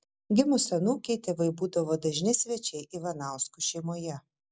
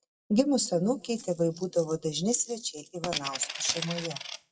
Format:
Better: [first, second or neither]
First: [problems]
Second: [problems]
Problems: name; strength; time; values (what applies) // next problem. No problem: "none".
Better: first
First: none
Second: noise reduction (classical method WPE with log-MMSE)